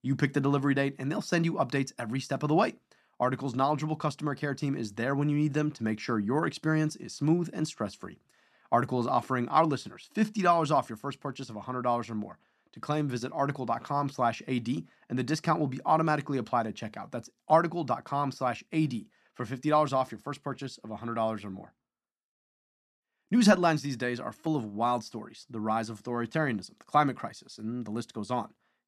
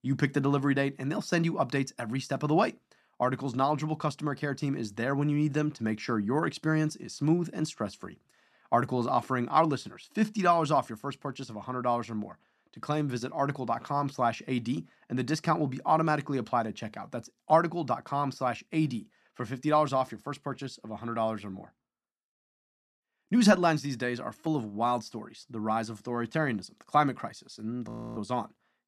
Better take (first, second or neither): first